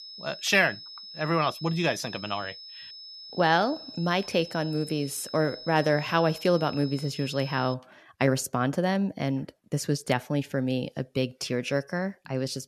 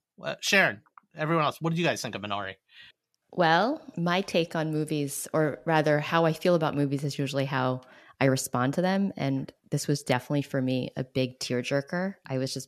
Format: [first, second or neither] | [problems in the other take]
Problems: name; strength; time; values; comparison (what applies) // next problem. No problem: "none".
second | high-pitched whine; noticeable; until 7.5 s; 5 kHz, 15 dB below the speech